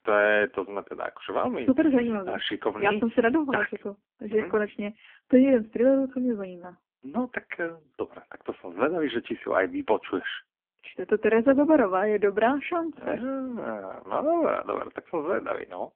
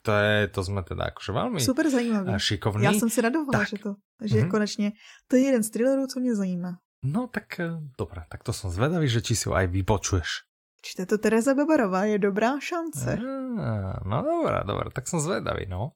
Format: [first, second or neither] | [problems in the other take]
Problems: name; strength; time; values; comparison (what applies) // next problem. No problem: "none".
second | phone-call audio; poor line; nothing above 3.5 kHz